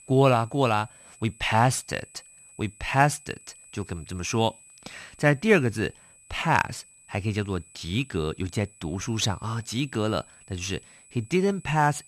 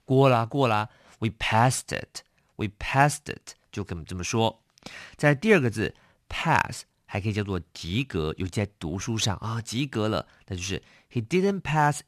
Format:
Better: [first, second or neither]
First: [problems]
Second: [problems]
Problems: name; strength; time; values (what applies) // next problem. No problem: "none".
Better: second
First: high-pitched whine; faint; throughout; 8 kHz, 25 dB below the speech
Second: none